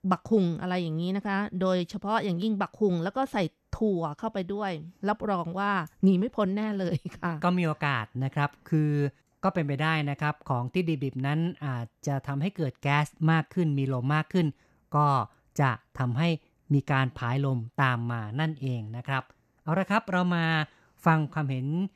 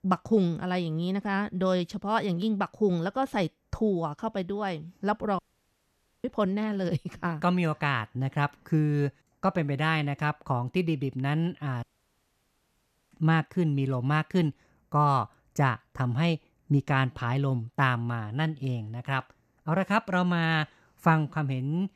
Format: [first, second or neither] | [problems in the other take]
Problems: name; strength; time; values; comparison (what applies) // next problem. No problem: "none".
first | audio cutting out; at 5.5 s for 1 s and at 12 s for 1.5 s